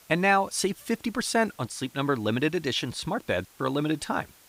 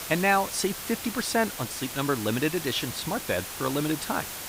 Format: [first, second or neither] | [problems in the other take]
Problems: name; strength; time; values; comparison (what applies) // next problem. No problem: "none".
first | hiss; loud; throughout; 7 dB below the speech; faint in the first